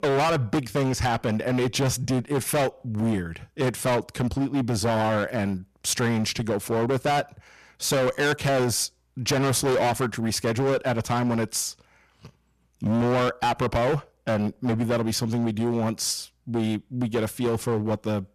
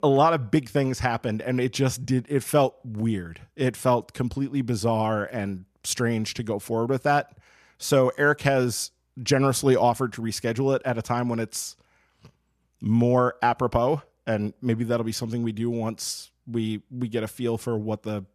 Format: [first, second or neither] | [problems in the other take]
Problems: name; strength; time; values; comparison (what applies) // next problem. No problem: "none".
second | distortion; heavy; 20% of the sound clipped